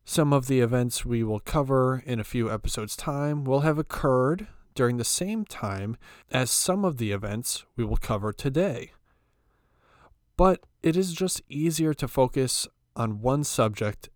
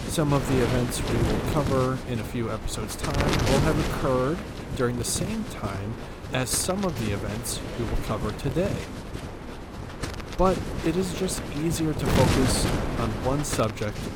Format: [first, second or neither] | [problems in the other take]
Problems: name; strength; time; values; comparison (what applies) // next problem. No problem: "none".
first | wind noise on the microphone; heavy; 3 dB below the speech